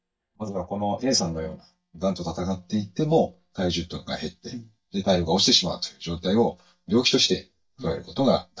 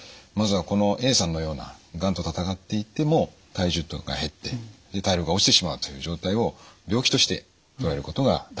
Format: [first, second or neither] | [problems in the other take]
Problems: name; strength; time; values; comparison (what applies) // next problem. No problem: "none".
second | noise reduction (neural mask model DeepFilterNet 3)